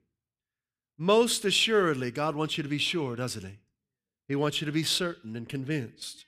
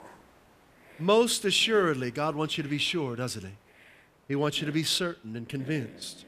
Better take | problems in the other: first | hiss; faint; throughout; 25 dB below the speech

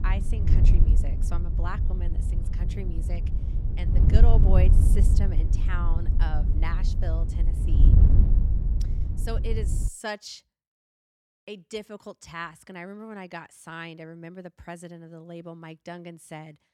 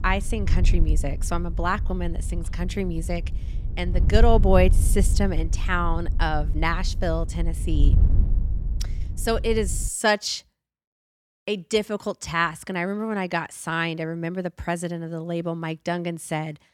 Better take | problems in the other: second | wind noise on the microphone; heavy; until 10 s; 3 dB below the speech; occasional gusts in the second

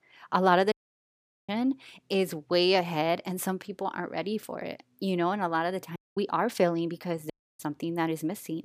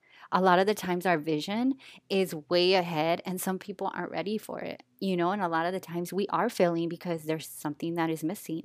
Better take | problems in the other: second | audio cutting out; at 0.5 s for 1 s, at 6 s and at 7.5 s

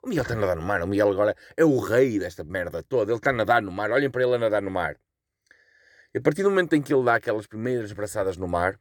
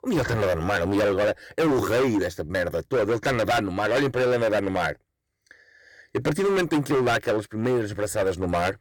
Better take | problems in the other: first | distortion; heavy; 19% of the sound clipped

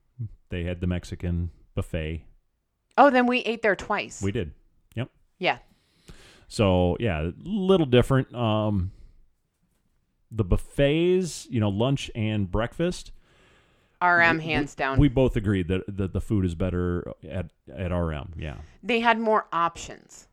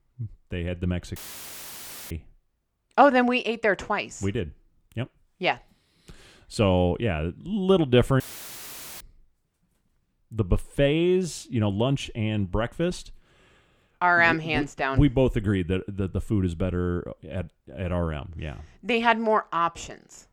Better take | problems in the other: first | audio cutting out; filled with static; at 1 s for 1 s and at 8 s for 1 s

